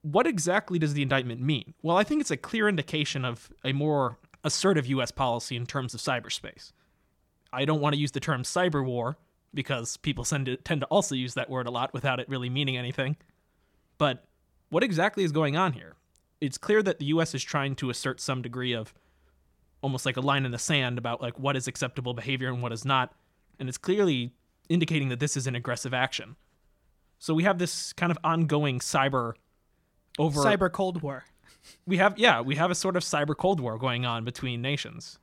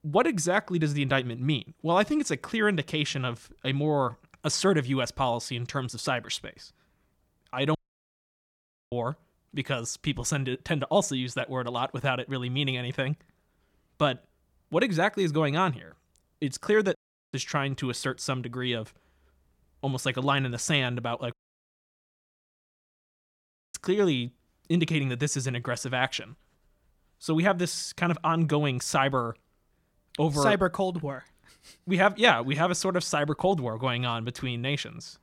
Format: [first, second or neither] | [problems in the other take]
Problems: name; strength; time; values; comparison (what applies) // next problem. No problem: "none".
first | audio cutting out; at 8 s for 1 s, at 17 s and at 21 s for 2.5 s